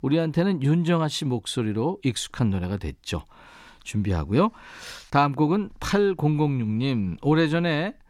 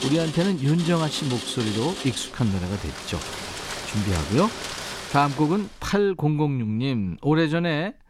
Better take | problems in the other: first | rain or running water; loud; until 5.5 s; 8 dB below the speech

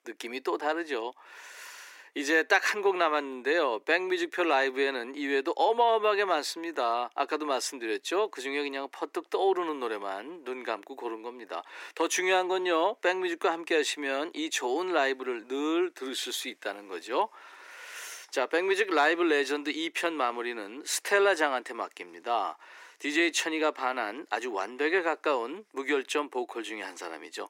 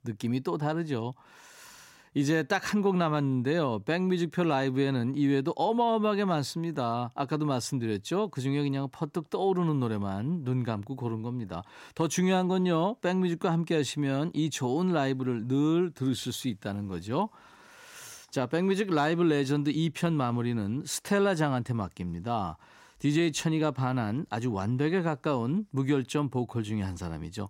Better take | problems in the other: second | thin; very; fading below 350 Hz

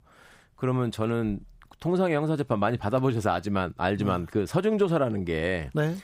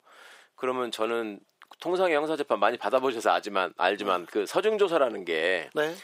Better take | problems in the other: first | thin; very; fading below 400 Hz

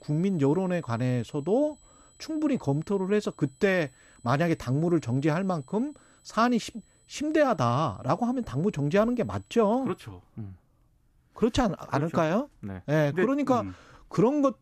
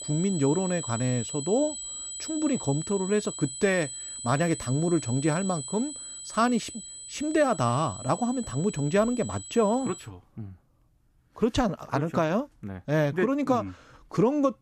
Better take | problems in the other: first | high-pitched whine; loud; until 10 s; 8 kHz, 9 dB below the speech; faint in the first

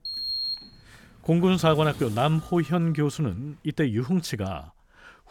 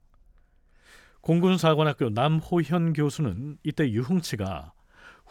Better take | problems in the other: second | door banging; noticeable; until 2.5 s; peak 2 dB below the speech

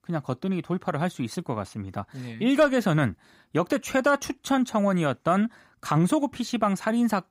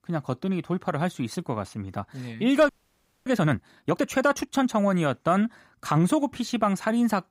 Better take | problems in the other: first | audio freezing; at 2.5 s for 0.5 s

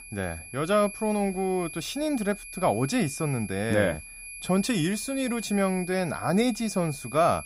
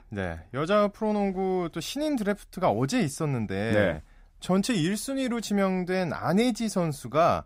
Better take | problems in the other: second | high-pitched whine; noticeable; throughout; 2.5 kHz, 10 dB below the speech

